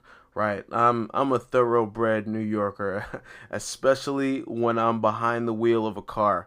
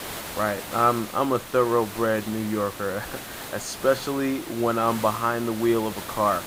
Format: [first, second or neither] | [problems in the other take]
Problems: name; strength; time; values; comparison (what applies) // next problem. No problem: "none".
first | hiss; noticeable; throughout; 10 dB below the speech